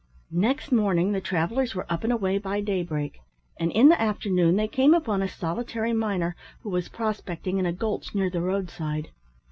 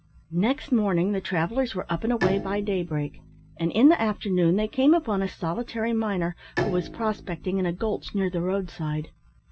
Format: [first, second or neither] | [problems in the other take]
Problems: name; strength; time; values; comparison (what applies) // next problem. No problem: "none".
first | background sound (Bowed string instrument); 13 dB below the speech